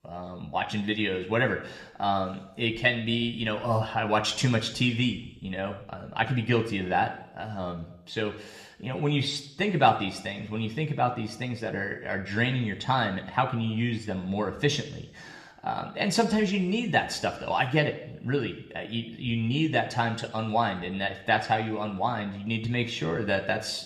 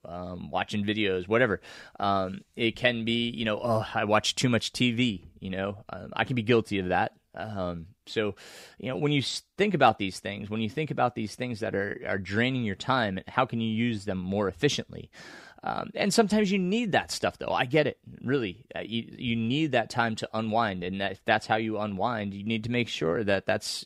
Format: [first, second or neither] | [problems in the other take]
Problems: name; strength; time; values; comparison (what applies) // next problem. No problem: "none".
second | room echo; very slight; dies away in 0.7 s